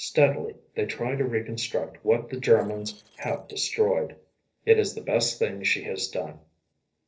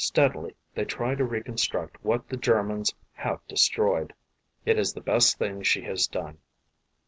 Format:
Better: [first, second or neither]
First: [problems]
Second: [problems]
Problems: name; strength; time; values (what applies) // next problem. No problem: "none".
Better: second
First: noise reduction (neural separator model SepFormer DNS4)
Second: none